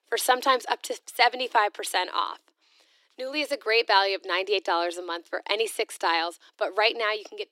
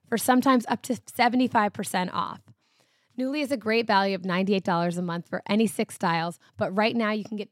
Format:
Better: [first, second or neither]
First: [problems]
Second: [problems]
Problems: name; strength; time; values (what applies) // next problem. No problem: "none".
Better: second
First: thin; very; fading below 300 Hz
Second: none